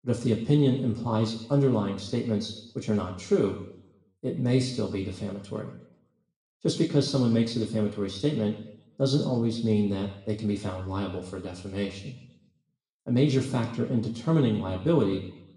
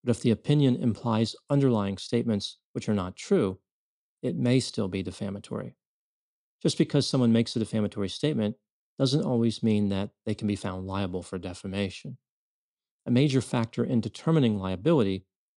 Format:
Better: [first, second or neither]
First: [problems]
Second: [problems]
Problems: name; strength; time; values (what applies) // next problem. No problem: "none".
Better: second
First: room echo; slight; dies away in 0.8 s // off-mic speech; somewhat distant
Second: none